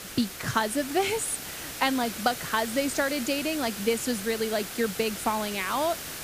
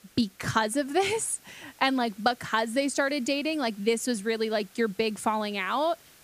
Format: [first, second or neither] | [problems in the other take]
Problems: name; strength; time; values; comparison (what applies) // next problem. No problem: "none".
second | hiss; loud; throughout; 7 dB below the speech; faint in the second